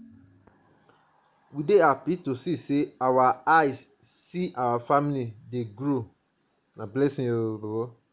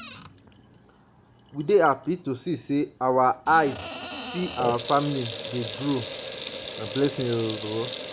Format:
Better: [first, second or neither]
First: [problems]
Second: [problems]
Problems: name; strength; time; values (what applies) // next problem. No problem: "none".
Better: first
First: none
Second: background sound (Sink (filling or washing) / Water tap, faucet); 10 dB below the speech